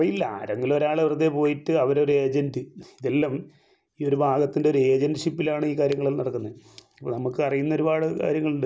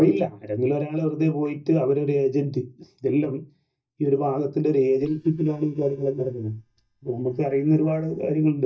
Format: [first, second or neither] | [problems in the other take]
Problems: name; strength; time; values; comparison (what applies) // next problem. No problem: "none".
first | noise reduction (neural mask model DeepFilterNet 3)